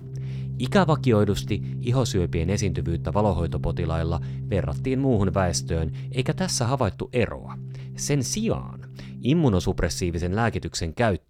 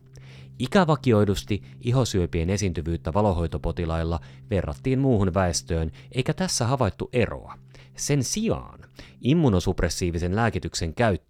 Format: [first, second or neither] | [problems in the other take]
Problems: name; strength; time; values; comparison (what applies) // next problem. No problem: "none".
second | background music; loud; throughout; 8 dB below the speech; faint in the second